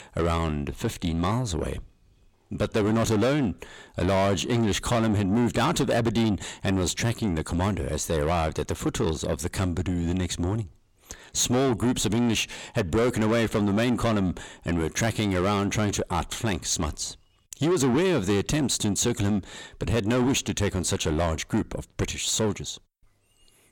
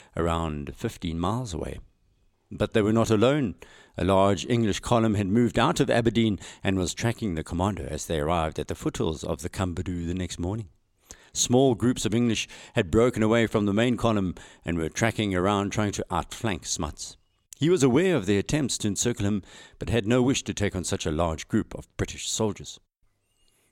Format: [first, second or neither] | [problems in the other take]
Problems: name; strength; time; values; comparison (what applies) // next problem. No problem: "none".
second | distortion; heavy; 8 dB below the speech